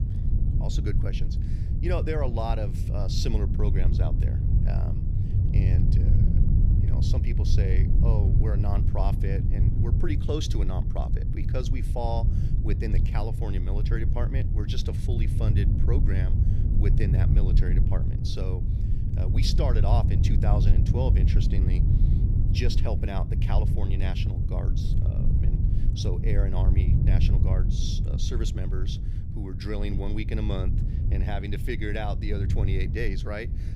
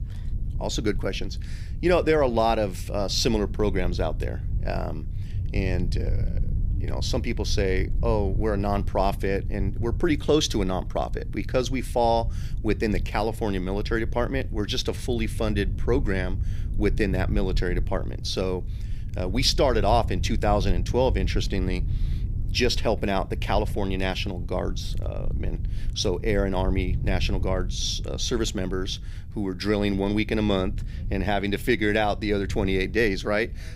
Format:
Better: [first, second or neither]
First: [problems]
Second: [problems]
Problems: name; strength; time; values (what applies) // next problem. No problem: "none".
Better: second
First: low rumble; loud; throughout; 3 dB below the speech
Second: low rumble; faint; throughout; 20 dB below the speech